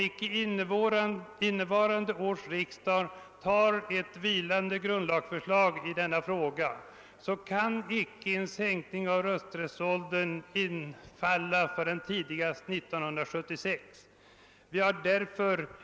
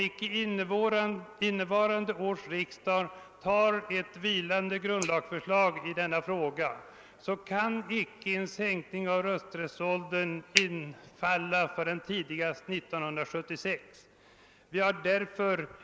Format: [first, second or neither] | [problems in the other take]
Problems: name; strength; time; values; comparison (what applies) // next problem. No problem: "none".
first | noise reduction (neural mask model Resemble Enhance denoiser)